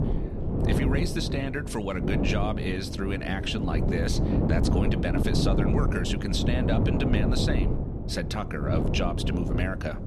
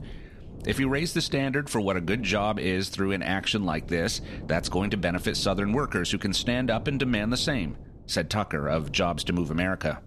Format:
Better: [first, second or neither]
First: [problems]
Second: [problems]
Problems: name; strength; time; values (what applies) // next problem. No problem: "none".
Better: second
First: wind noise on the microphone; heavy; 2 dB below the speech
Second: wind noise on the microphone; occasional gusts; 20 dB below the speech